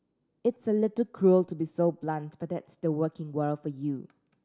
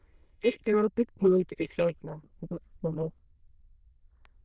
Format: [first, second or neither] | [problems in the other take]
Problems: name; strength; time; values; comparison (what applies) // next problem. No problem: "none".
first | noise reduction (neural diffusion model UNIVERSE++)